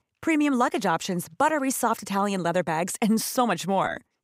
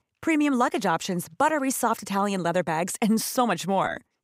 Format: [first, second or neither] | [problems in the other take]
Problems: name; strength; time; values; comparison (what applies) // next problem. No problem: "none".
neither | none